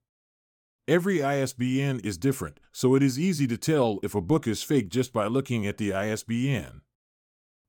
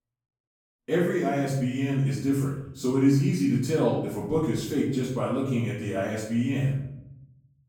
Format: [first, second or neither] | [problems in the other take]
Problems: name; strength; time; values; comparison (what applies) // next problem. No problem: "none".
first | off-mic speech; far // room echo; noticeable; dies away in 0.7 s